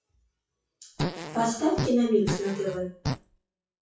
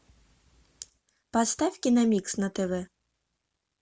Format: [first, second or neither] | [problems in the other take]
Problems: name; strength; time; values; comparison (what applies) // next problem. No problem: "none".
second | noise reduction (classical method WPE with log-MMSE)